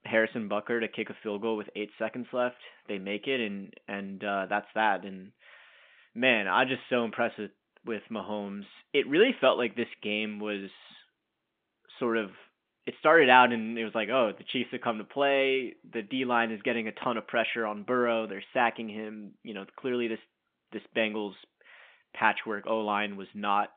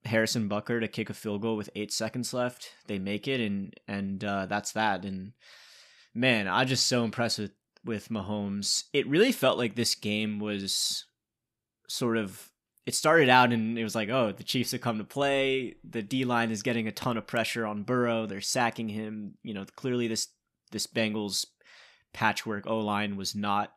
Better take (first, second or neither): second